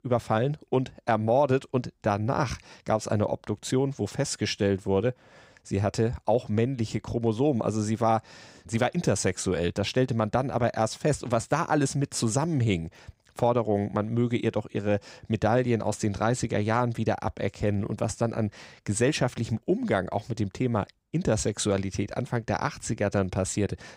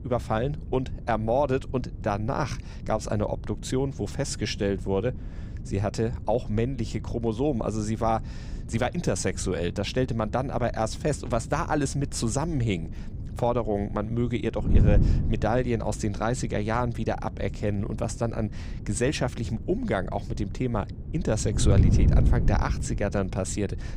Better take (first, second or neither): first